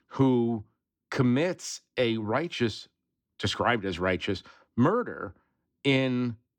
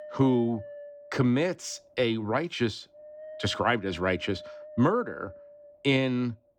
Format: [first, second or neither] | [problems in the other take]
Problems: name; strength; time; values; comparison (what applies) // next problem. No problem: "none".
first | wind noise on the microphone; occasional gusts; 15 dB below the speech